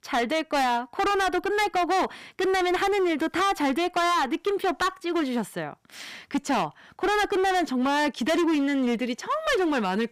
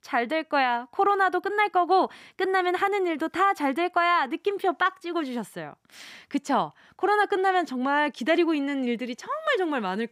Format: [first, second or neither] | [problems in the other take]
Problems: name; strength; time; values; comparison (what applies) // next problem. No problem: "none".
second | distortion; heavy; 20% of the sound clipped